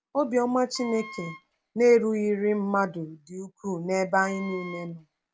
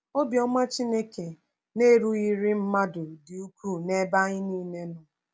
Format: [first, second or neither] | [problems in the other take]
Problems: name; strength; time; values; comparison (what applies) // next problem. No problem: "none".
second | background sound (Wind instrument, woodwind instrument); 17 dB below the speech